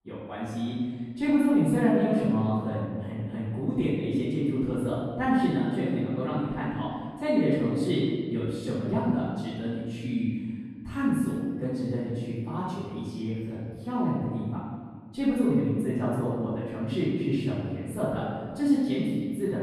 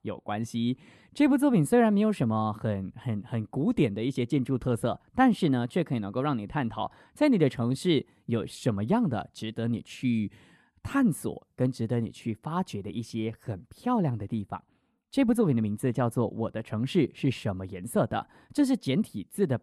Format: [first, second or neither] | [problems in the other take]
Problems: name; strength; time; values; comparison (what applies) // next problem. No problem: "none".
second | room echo; strong; dies away in 1.7 s // off-mic speech; far